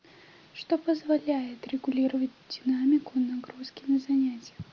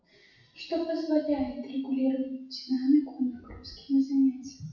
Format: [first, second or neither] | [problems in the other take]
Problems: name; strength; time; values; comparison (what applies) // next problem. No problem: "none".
first | noise reduction (classical method WPE with log-MMSE)